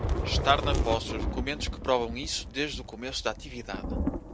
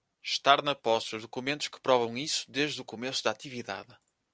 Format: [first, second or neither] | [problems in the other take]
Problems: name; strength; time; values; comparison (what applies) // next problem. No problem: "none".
second | background sound (Thunder / Rain); as loud as the speech